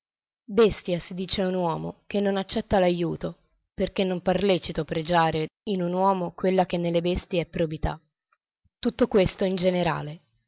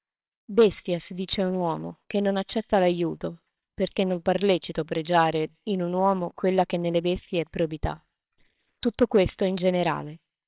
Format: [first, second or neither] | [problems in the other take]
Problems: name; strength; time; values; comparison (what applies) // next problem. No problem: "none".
first | noise reduction (neural separator model SepFormer WHAMR!)